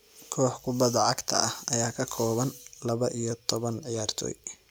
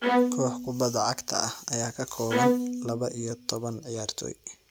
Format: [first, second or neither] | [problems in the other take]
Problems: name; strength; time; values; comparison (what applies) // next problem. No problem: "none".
first | background sound (Bowed string instrument); 1 dB above the speech